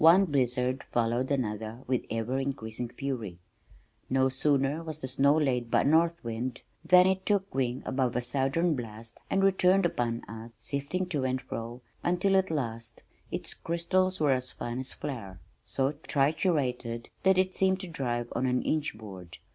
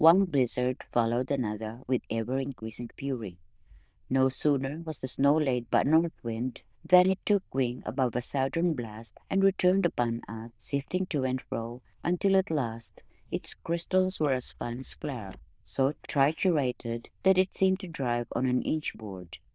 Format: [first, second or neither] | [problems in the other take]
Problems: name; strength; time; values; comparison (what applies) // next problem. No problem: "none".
first | noise reduction (neural diffusion model UNIVERSE++)